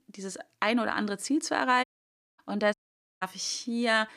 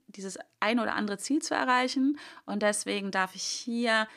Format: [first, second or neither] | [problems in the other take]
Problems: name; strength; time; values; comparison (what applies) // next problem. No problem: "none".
second | audio cutting out; at 2 s for 0.5 s and at 2.5 s